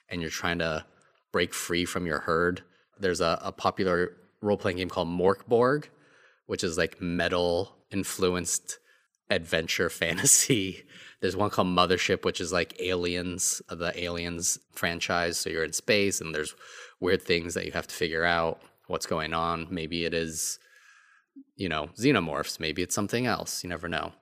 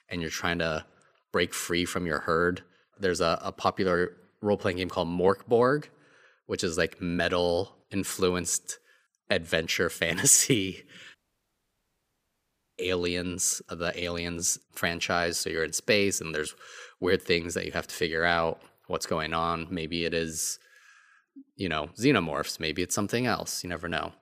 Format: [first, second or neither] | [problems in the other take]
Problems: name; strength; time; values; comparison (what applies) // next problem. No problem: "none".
first | audio cutting out; at 11 s for 1.5 s